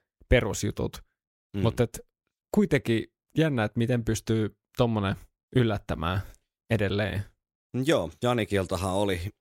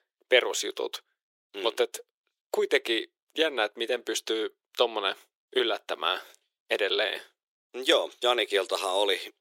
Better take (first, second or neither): first